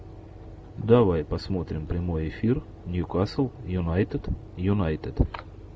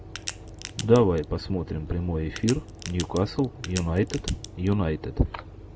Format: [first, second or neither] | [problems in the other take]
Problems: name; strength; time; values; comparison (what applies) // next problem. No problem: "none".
first | background sound (Crack); 14 dB below the speech